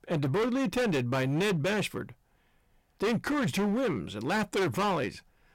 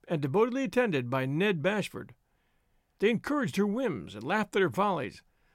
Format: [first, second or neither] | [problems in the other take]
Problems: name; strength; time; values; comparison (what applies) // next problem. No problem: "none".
second | distortion; heavy; 20% of the sound clipped